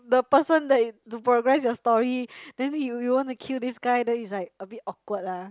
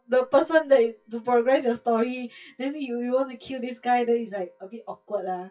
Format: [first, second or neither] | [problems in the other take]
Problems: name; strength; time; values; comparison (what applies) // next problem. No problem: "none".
first | noise reduction (classical method WPE with log-MMSE)